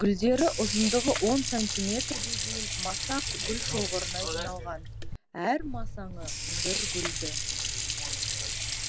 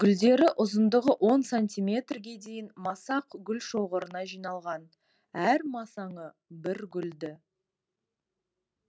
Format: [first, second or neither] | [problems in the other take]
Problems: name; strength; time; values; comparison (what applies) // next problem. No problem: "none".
second | background sound (Sink (filling or washing) / Water); 1 dB below the speech